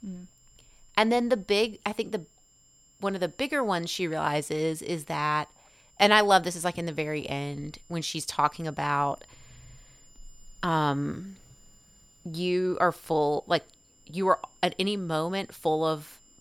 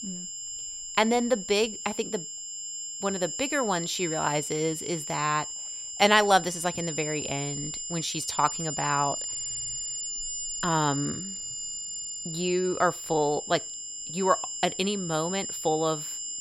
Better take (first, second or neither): first